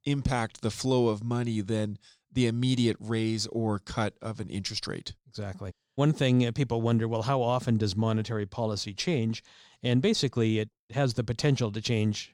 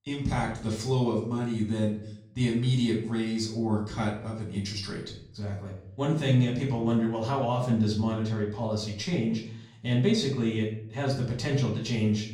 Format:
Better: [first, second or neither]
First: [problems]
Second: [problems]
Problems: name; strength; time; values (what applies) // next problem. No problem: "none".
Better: first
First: none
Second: off-mic speech; far // room echo; slight; dies away in 0.5 s